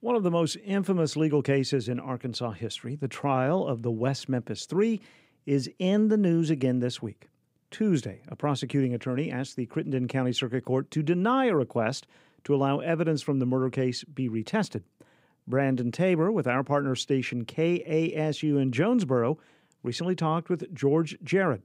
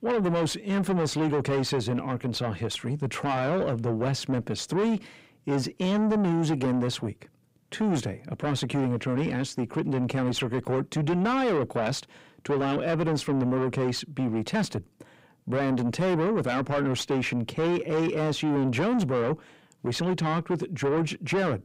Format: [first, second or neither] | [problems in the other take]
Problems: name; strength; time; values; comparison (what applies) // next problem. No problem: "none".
first | distortion; heavy; 7 dB below the speech